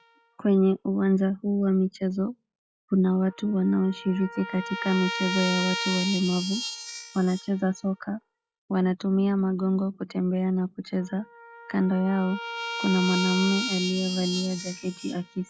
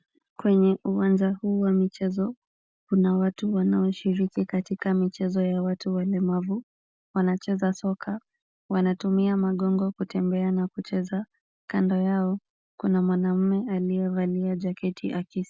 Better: second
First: noise reduction (classical method log-MMSE)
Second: none

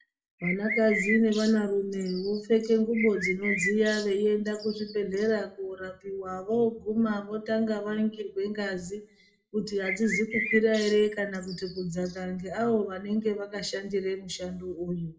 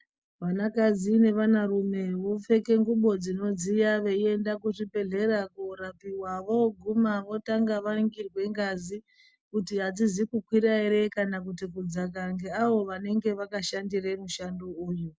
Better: second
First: background sound (Bird); 7 dB below the speech // room echo; dies away in 0.4 s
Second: none

